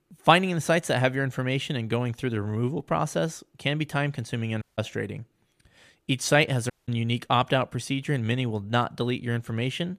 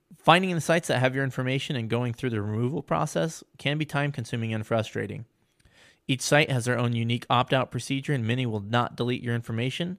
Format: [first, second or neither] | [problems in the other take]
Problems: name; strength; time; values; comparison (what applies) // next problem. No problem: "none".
second | audio cutting out; at 4.5 s and at 6.5 s